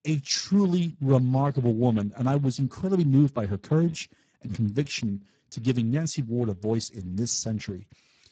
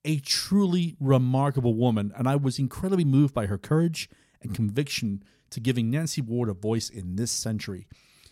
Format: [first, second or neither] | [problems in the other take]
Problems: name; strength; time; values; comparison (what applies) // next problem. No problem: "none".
second | garbled, watery; badly; nothing above 16 kHz